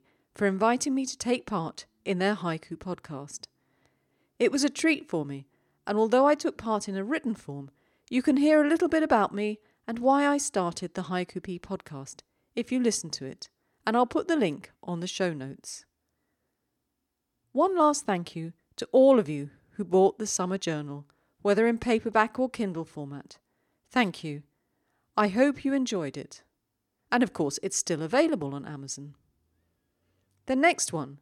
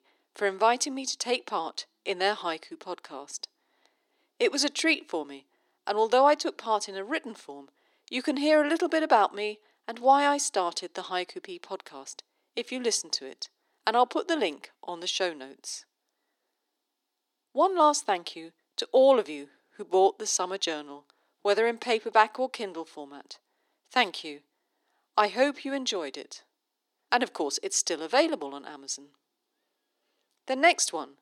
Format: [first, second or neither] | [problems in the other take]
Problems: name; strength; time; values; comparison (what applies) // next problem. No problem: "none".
first | thin; somewhat; fading below 300 Hz